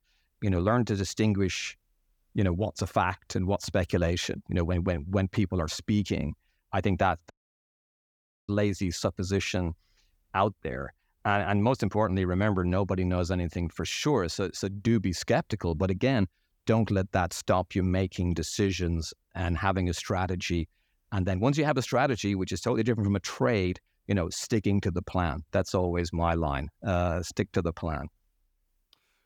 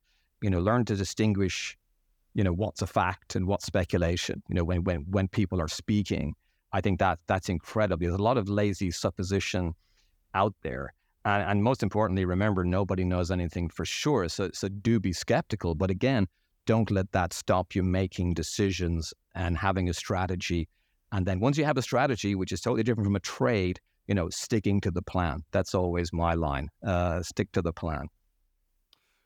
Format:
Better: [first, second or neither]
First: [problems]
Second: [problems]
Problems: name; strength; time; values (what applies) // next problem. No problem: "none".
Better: second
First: audio cutting out; at 7.5 s for 1 s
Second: none